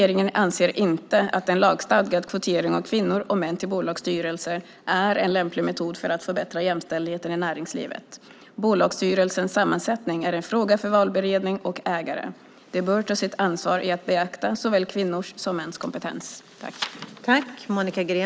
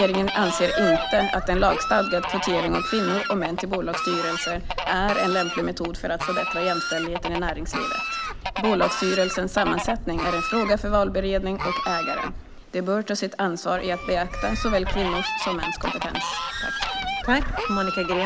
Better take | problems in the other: first | background sound (Brass instrument + Fowl); 3 dB below the speech

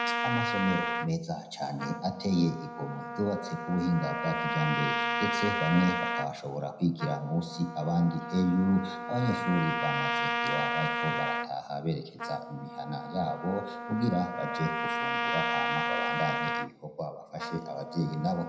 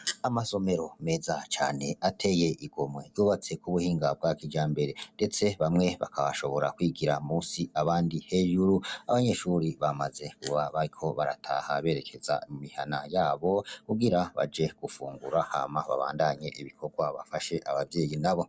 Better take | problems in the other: second | background sound (Trumpet); 2 dB below the speech // room echo; dies away in 0.8 s

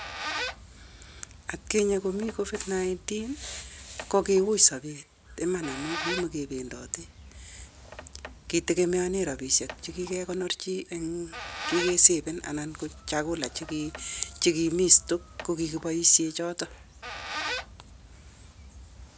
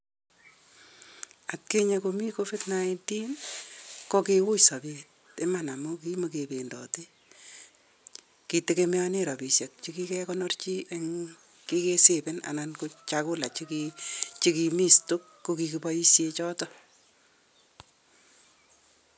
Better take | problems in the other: second | background sound (Squeak); 12 dB below the speech

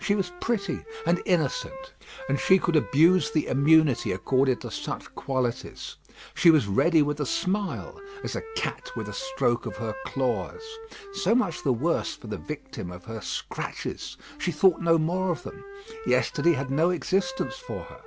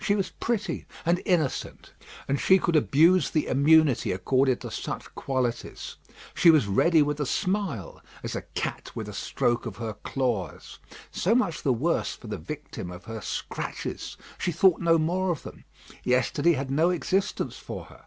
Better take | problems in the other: second | background sound (Wind instrument, woodwind instrument); 16 dB below the speech

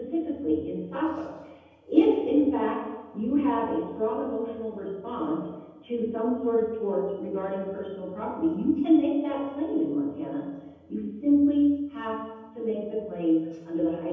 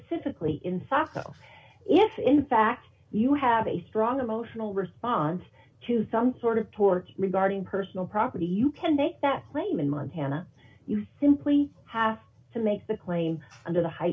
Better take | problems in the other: second | room echo; dies away in 1.1 s

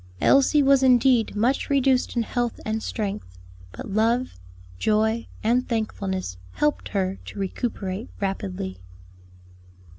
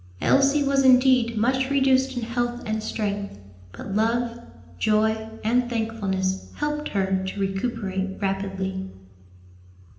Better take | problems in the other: first | room echo; dies away in 0.8 s

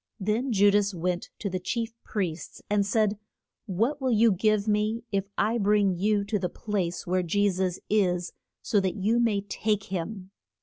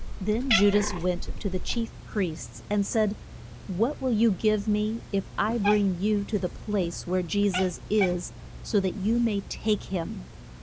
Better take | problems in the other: first | background sound (Cat); 8 dB below the speech

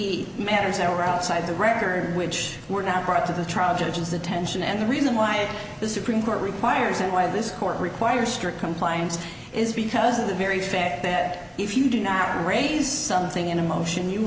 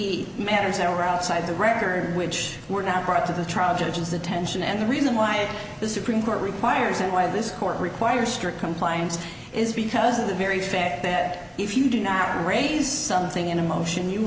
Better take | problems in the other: second | background sound (Hammer); 15 dB below the speech

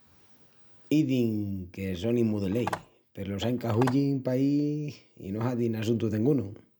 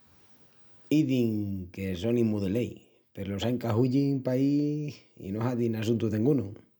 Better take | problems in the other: second | background sound (Telephone); 12 dB below the speech

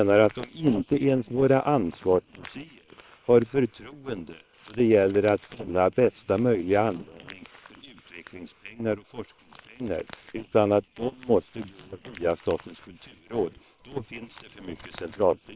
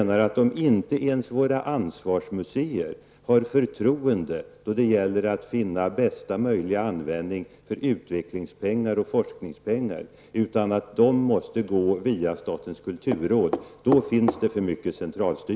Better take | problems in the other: second | noise reduction (neural separator model SepFormer WHAM!)

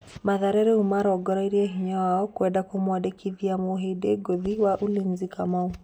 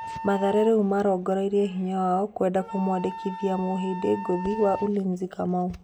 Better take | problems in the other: first | background sound (Wind instrument, woodwind instrument); 13 dB below the speech

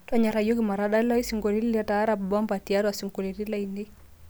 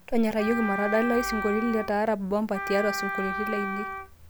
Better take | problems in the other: first | background sound (Wind instrument, woodwind instrument); 6 dB below the speech

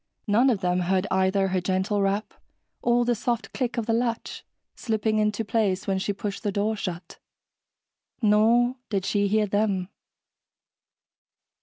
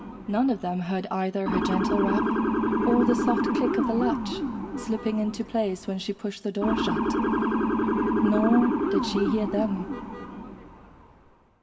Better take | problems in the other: first | background sound (Motor vehicle (road) / Siren); 1 dB above the speech // room echo; dies away in 1.4 s

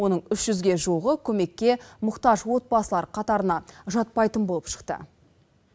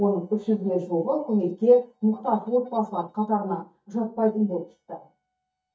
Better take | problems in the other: first | noise reduction (neural mask model DeepFilterNet 3)

